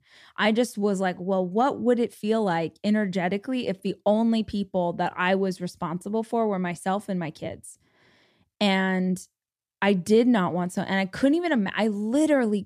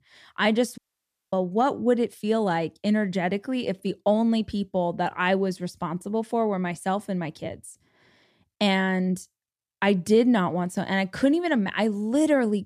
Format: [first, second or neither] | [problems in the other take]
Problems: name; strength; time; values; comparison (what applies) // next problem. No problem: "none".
first | audio cutting out; at 1 s for 0.5 s